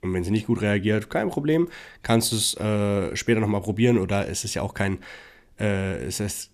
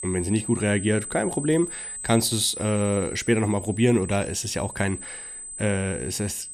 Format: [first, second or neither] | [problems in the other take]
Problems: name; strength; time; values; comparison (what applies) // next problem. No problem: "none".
first | high-pitched whine; loud; throughout; 8 kHz, 9 dB below the speech